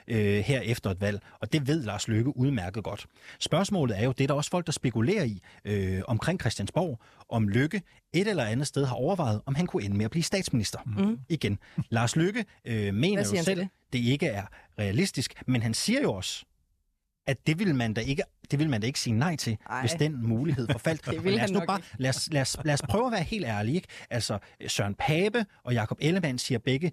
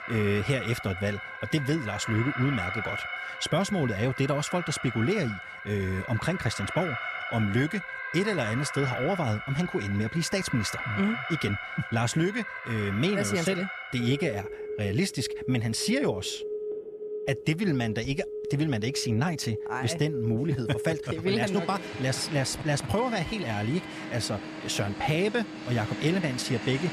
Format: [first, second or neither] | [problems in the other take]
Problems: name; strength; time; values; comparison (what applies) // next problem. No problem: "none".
first | alarms or sirens; loud; throughout; 7 dB below the speech